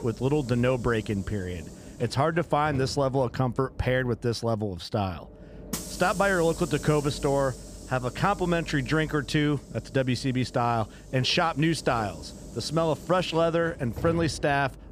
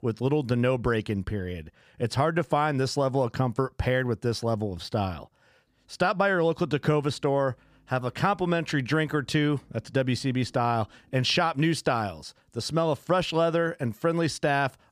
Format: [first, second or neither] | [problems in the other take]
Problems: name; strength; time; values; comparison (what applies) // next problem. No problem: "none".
second | hiss; noticeable; throughout; 15 dB below the speech